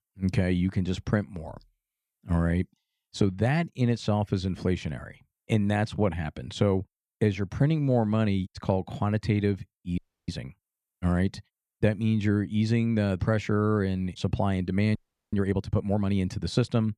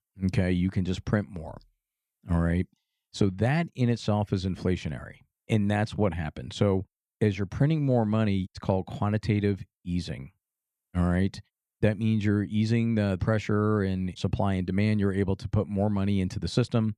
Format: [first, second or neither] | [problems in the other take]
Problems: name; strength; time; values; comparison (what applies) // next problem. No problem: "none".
second | audio freezing; at 10 s and at 15 s